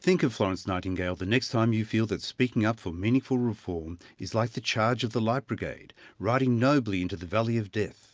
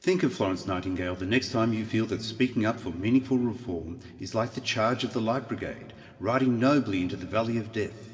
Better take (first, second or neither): first